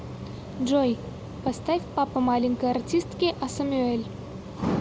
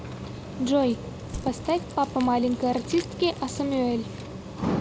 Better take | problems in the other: first | background sound (Crumpling, crinkling / Crushing + Printer); 18 dB below the speech

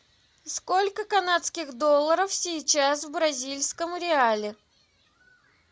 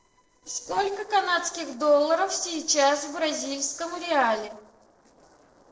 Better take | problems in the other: first | noise reduction (neural separator model SepFormer DNS4)

